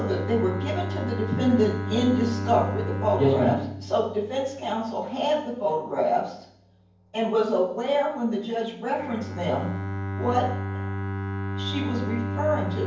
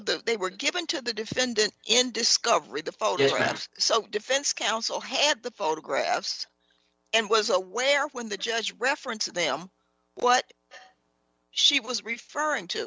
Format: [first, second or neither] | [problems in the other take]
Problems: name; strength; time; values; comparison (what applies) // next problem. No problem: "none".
second | background sound (Bowed string instrument); 6 dB below the speech // room echo; dies away in 0.9 s